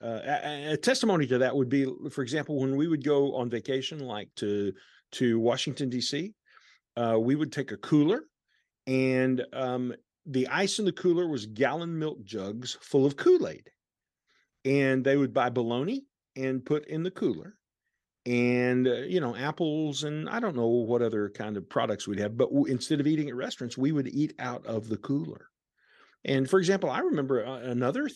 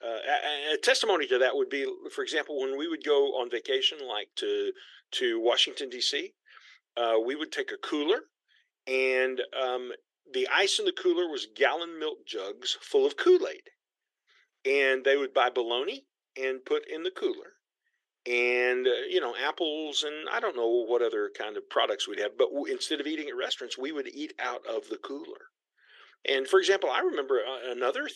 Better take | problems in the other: first | thin; very; fading below 350 Hz

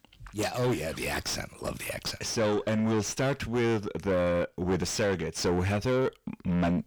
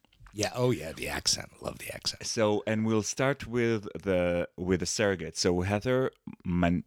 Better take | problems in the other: second | distortion; heavy; 5 dB below the speech

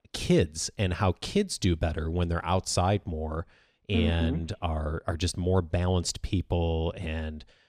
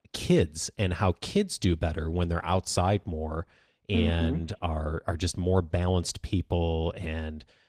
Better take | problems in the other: first | garbled, watery; slightly; nothing above 14.5 kHz

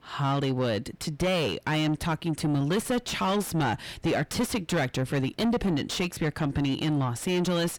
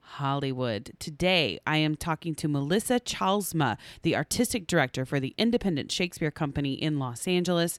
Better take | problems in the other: second | distortion; heavy; 6 dB below the speech

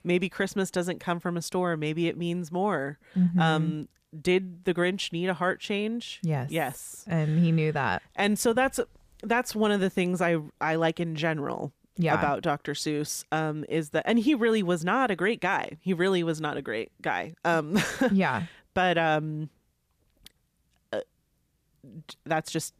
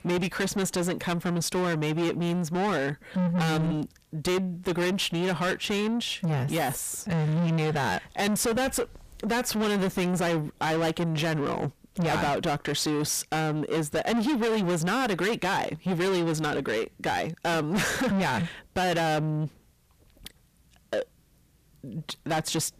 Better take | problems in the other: first | distortion; heavy; 6 dB below the speech

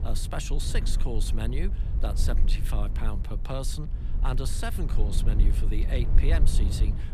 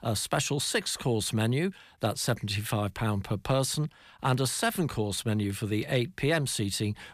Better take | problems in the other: second | low rumble; loud; throughout; 8 dB below the speech

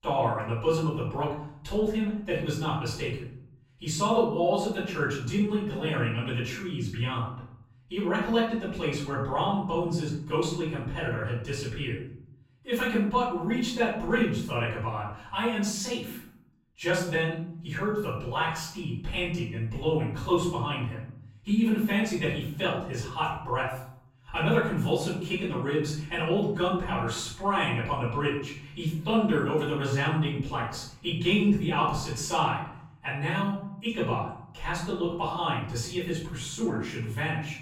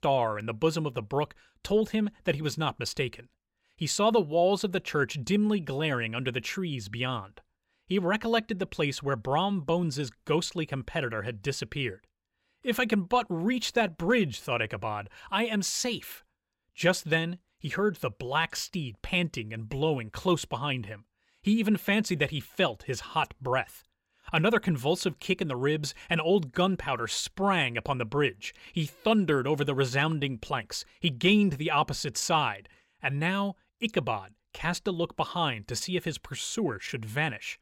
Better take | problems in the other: second | off-mic speech; far // room echo; noticeable; dies away in 0.7 s

